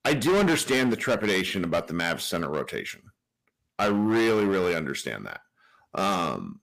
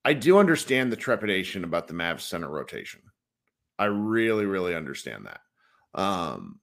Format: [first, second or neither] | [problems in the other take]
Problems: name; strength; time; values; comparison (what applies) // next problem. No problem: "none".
second | distortion; heavy; 11% of the sound clipped